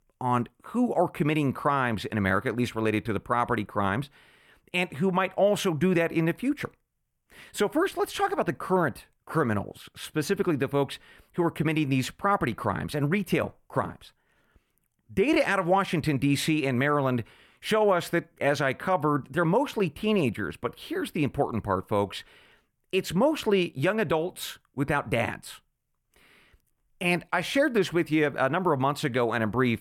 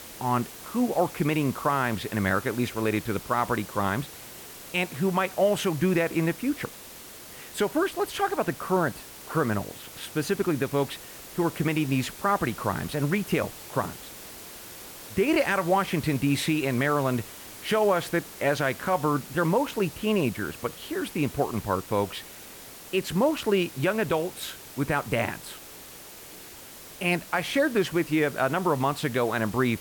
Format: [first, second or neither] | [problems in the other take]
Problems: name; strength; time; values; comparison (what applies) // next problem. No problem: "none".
first | hiss; noticeable; throughout; 15 dB below the speech